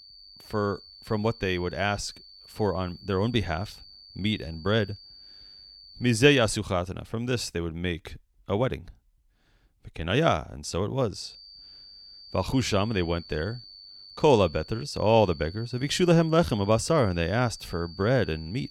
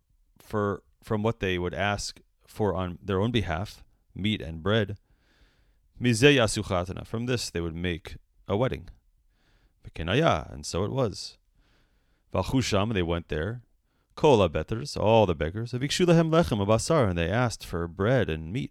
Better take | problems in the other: second | high-pitched whine; noticeable; until 6.5 s and from 11 s on; 4.5 kHz, 20 dB below the speech

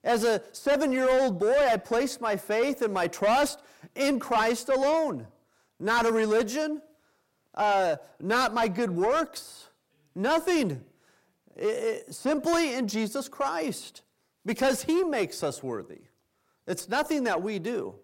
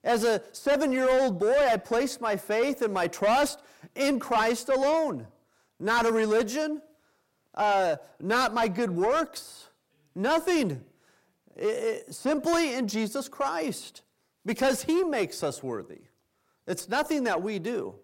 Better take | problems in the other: neither | distortion; heavy; 7 dB below the speech; the same in both

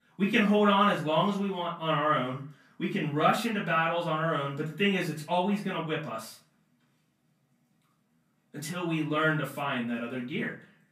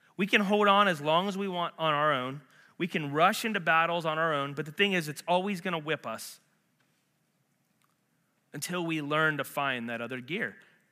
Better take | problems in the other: second | off-mic speech; far // room echo; slight; dies away in 0.3 s

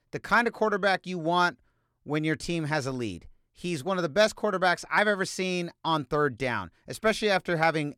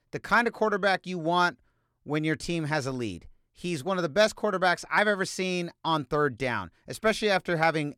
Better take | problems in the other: neither | none

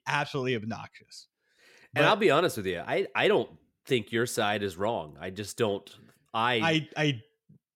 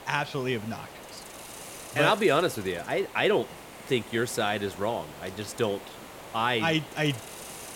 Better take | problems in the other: first | hiss; noticeable; throughout; 15 dB below the speech

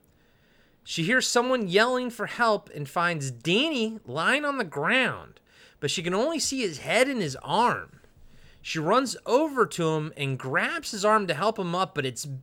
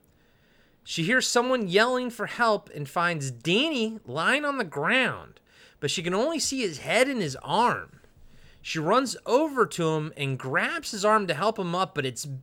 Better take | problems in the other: neither | none

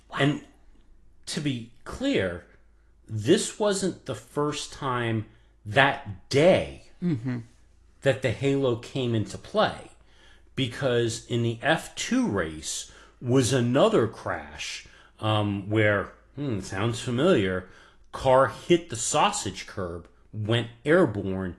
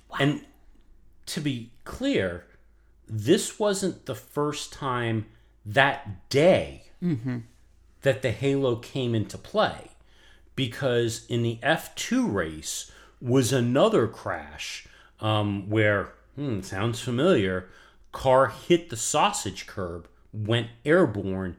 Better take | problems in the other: second | garbled, watery; slightly

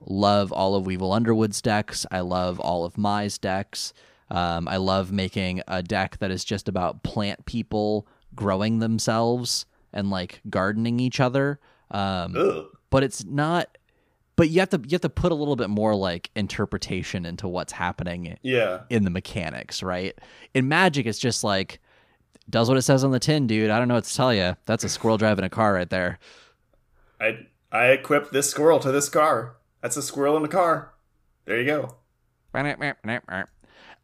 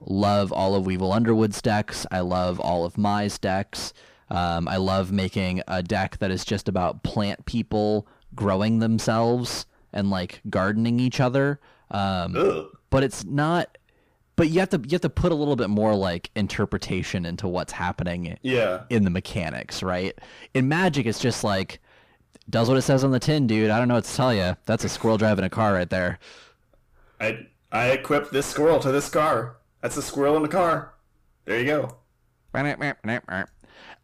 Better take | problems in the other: first | distortion; slight; 10 dB below the speech

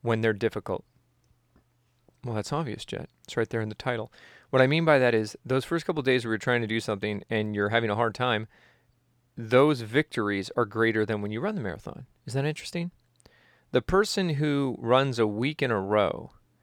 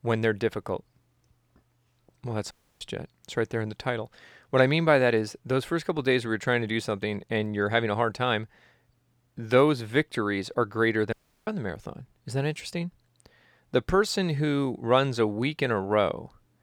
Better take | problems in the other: first | audio cutting out; at 2.5 s and at 11 s

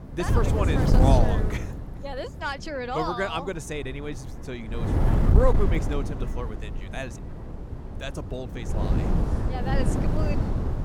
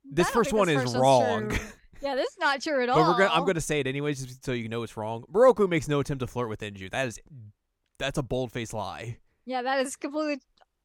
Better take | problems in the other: second | wind noise on the microphone; heavy; 3 dB below the speech

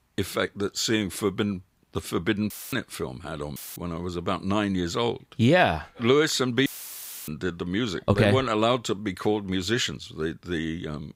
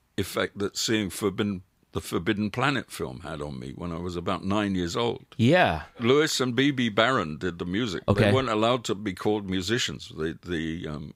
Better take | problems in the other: second | audio cutting out; filled with static; at 2.5 s, at 3.5 s and at 6.5 s for 0.5 s

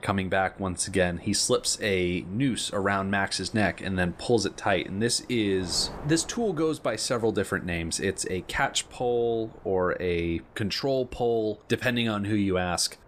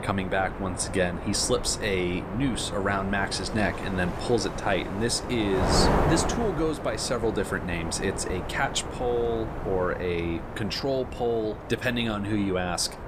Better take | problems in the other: first | wind noise on the microphone; heavy; 5 dB below the speech; occasional gusts in the first

